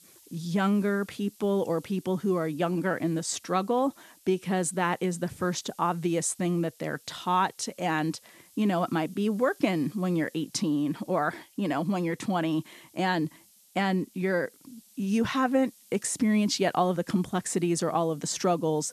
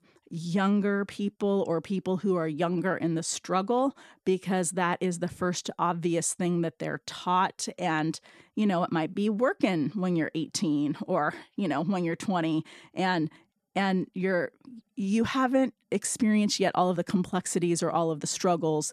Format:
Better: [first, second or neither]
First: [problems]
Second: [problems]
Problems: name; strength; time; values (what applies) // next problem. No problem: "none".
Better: second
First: hiss; faint; throughout; 25 dB below the speech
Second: none